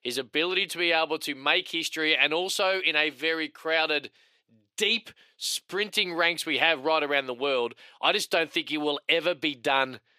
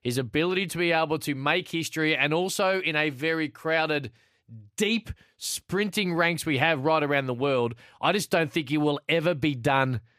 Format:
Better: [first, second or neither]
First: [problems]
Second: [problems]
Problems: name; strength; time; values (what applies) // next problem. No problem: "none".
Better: second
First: thin; somewhat; fading below 400 Hz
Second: none